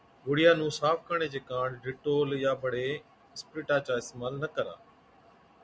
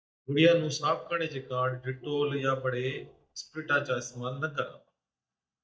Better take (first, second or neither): first